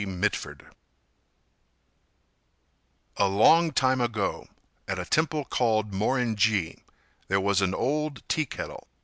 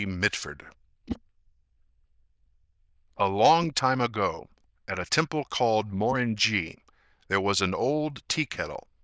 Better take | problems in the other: first | noise reduction (neural diffusion model UNIVERSE++)

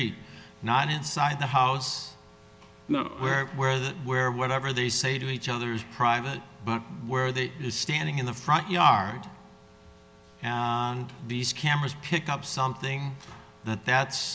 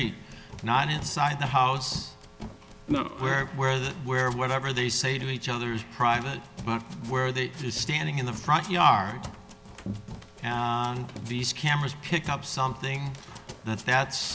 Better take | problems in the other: first | background sound (Run); 16 dB below the speech

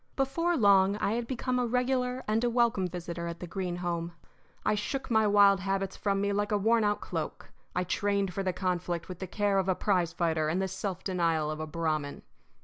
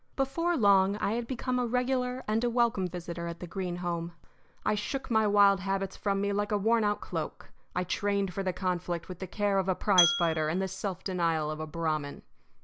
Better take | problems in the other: first | background sound (Glass); 4 dB below the speech

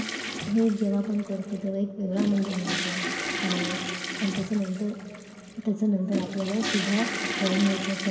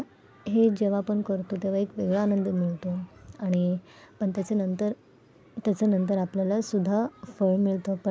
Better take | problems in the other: second | background sound (Toilet flush / Water); 5 dB below the speech // room echo; dies away in 2.7 s

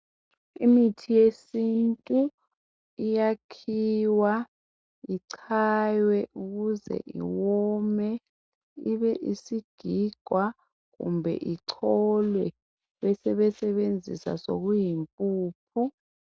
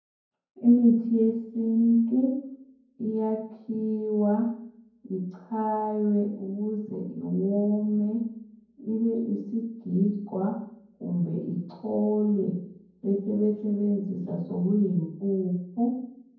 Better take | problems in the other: first | room echo; dies away in 0.9 s

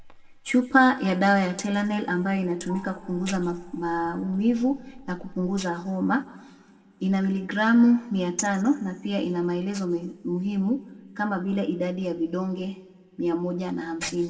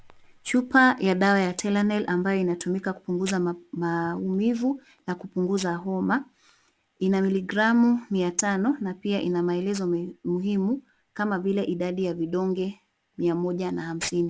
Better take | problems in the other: second | background sound (Gong); 18 dB below the speech // room echo; dies away in 1.5 s

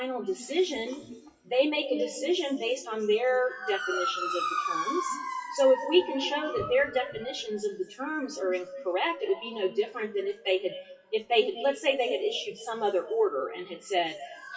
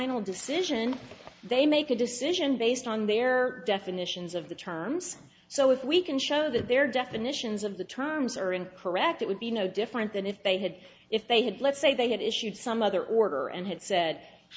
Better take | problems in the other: second | noise reduction (classical method WPE with log-MMSE)

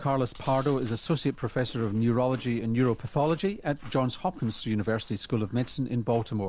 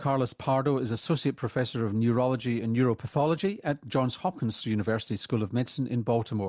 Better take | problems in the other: second | background sound (Chewing, mastication); 19 dB below the speech

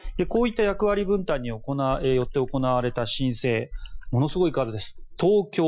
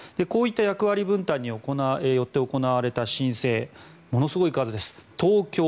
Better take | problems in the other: second | noise reduction (classical method Wiener filter)

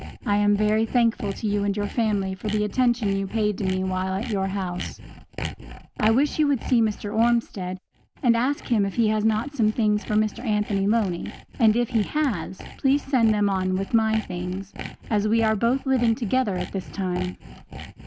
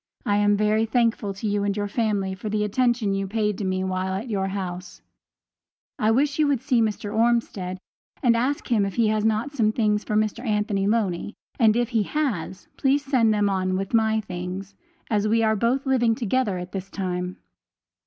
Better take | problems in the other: second | background sound (Sawing); 14 dB below the speech

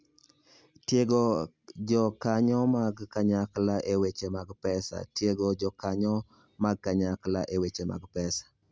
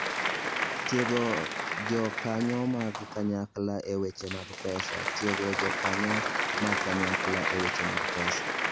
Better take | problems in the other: first | background sound (Applause); 1 dB above the speech

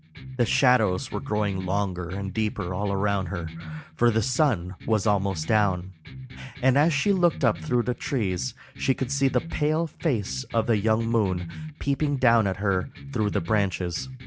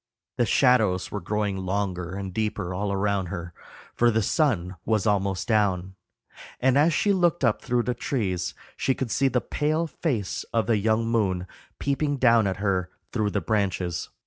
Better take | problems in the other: second | background sound (Electric guitar); 13 dB below the speech

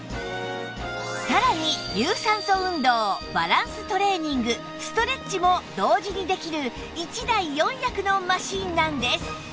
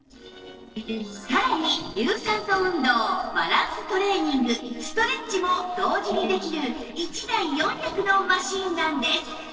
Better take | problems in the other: first | noise reduction (neural separator model SepFormer DNS4)

